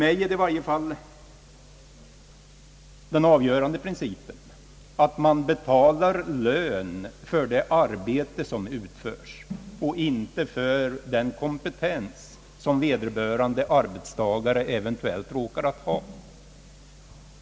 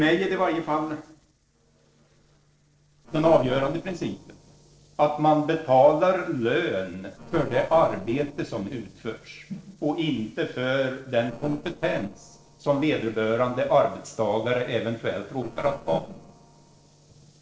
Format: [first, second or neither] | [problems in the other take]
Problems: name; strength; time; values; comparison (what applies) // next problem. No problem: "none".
first | noise reduction (neural separator model SepFormer DNS4)